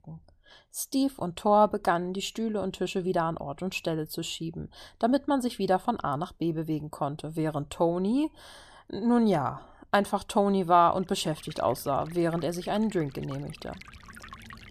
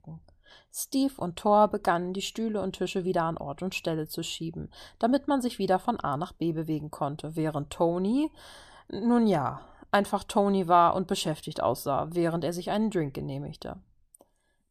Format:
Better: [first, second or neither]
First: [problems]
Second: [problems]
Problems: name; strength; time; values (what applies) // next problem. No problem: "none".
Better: second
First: rain or running water; faint; from 11 s on; 20 dB below the speech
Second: none